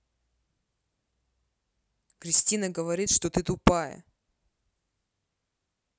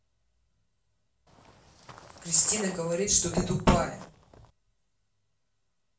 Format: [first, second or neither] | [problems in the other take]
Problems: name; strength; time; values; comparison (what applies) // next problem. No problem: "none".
first | background sound (Walk, footsteps); 16 dB below the speech // room echo; dies away in 0.3 s